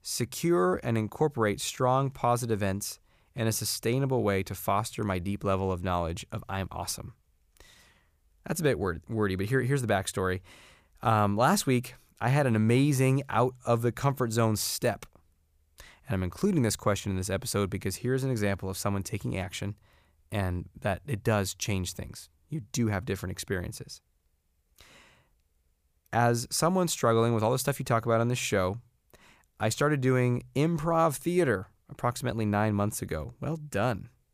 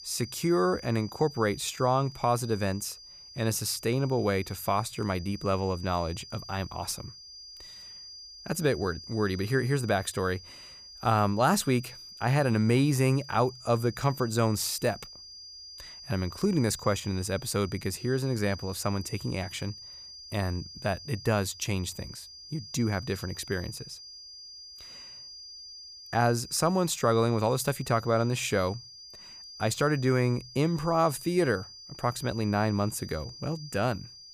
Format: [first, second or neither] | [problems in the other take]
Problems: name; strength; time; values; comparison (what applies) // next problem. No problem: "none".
first | high-pitched whine; noticeable; throughout; 5 kHz, 15 dB below the speech